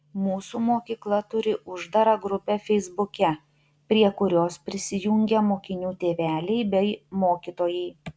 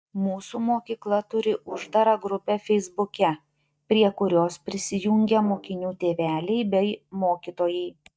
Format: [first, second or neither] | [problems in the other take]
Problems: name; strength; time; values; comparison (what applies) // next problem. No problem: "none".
first | noise reduction (neural mask model DeepFilterNet 3)